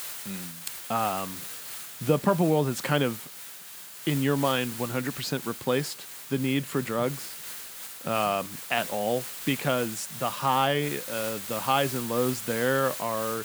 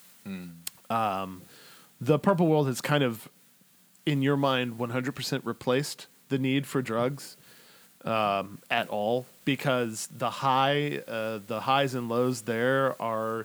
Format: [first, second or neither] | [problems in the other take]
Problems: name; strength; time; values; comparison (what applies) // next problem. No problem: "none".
second | hiss; loud; throughout; 8 dB below the speech; faint in the second